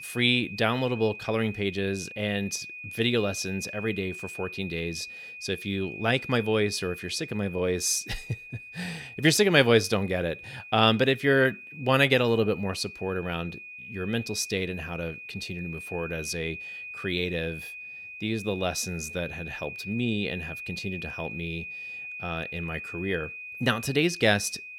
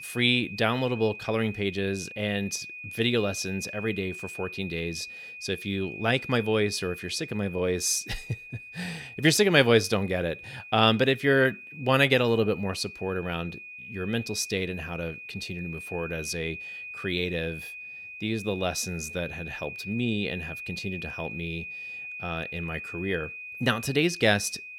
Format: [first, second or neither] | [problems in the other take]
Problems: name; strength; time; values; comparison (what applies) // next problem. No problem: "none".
neither | high-pitched whine; noticeable; throughout; 2.5 kHz, 10 dB below the speech; the same in both